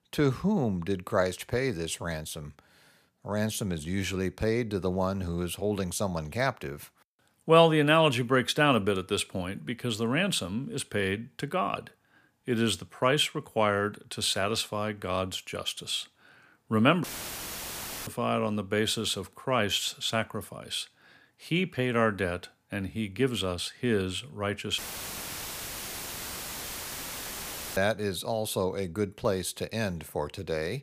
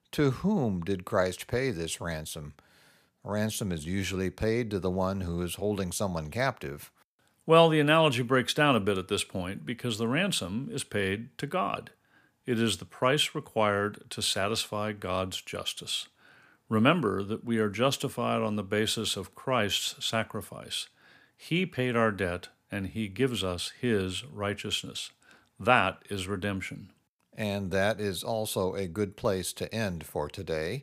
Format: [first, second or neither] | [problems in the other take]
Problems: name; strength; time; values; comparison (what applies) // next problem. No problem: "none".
second | audio cutting out; filled with static; at 17 s for 1 s and at 25 s for 3 s